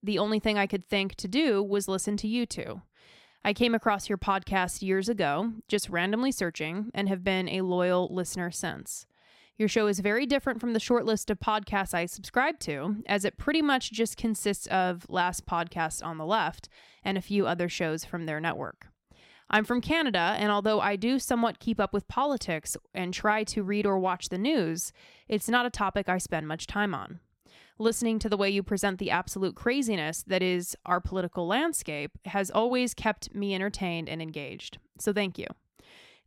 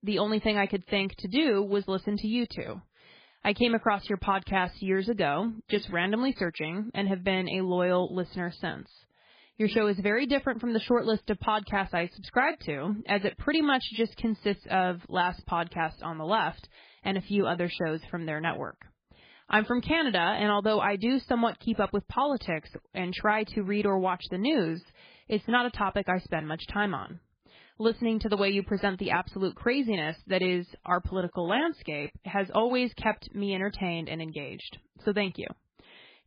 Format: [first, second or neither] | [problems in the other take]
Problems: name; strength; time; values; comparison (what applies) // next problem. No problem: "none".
first | garbled, watery; badly; nothing above 4.5 kHz